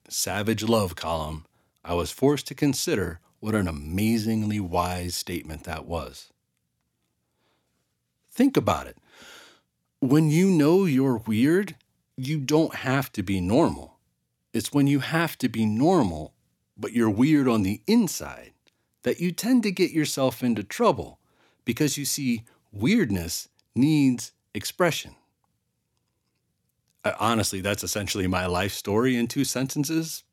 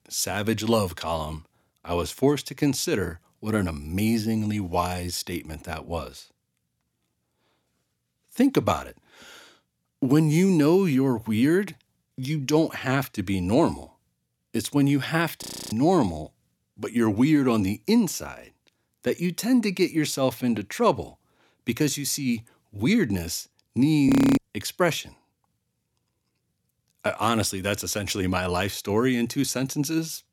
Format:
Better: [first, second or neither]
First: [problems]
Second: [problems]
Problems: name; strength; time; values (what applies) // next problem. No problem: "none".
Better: first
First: none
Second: audio freezing; at 15 s and at 24 s